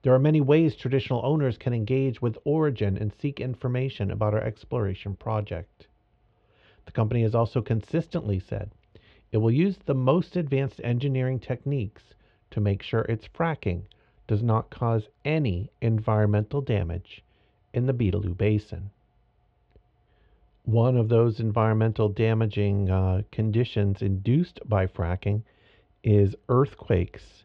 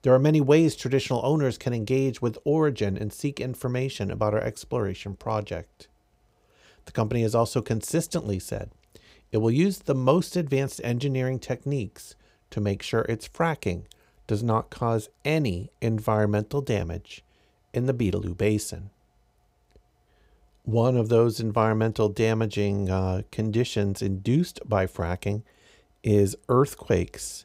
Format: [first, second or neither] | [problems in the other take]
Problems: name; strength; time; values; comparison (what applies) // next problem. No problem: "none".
second | muffled; slightly; fading above 3.5 kHz